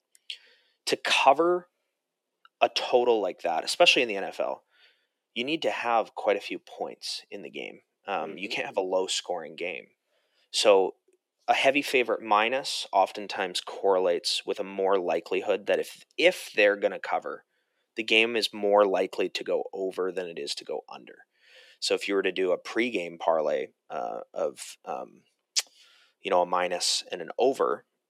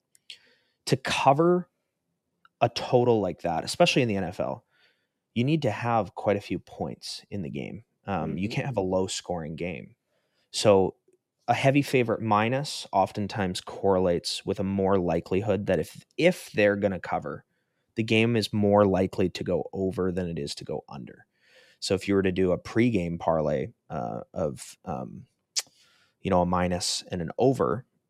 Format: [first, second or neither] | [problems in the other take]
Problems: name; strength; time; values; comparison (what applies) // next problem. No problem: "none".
second | thin; somewhat; fading below 350 Hz